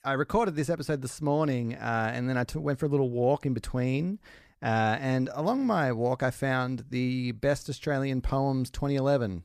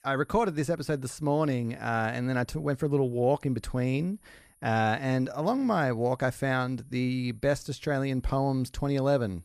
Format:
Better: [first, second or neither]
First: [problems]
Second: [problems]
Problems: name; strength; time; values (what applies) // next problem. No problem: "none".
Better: first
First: none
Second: high-pitched whine; faint; throughout; 9.5 kHz, 35 dB below the speech